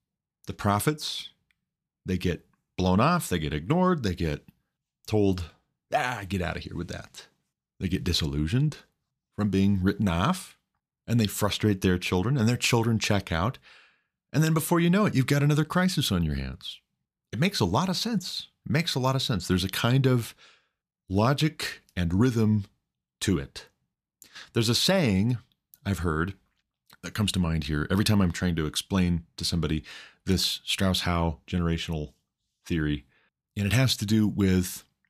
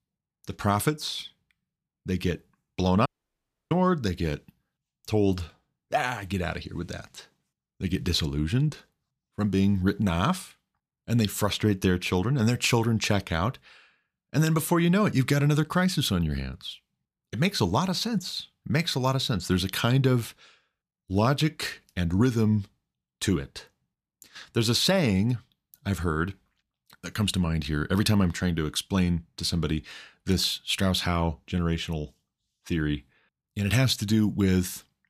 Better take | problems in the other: first | audio cutting out; at 3 s for 0.5 s

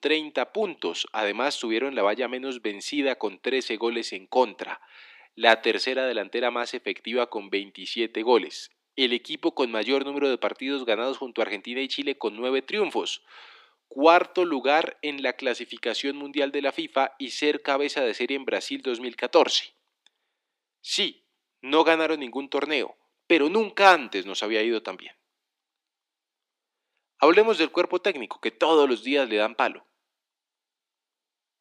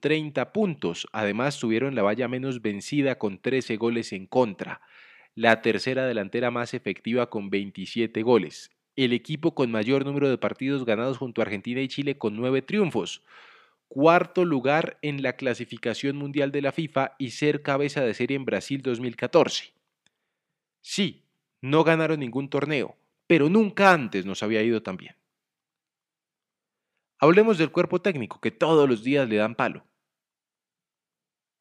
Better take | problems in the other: second | thin; somewhat; fading below 300 Hz

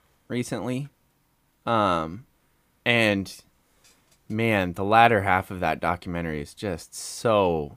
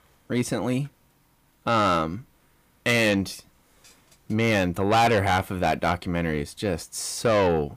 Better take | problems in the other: first | distortion; heavy; 7 dB below the speech

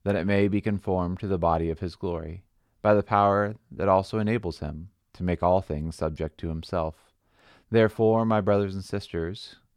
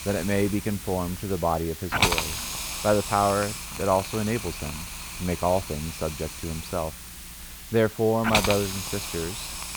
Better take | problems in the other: first | hiss; loud; throughout; 4 dB below the speech

